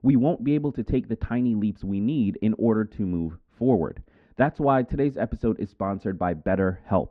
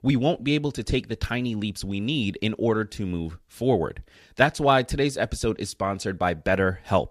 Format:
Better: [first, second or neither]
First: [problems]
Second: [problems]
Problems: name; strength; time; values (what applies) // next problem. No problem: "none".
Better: second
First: muffled; very; fading above 1 kHz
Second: none